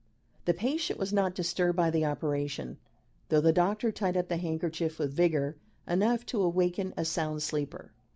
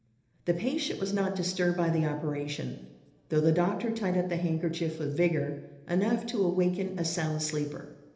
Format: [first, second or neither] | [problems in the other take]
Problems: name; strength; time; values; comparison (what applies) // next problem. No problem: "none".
first | room echo; dies away in 1 s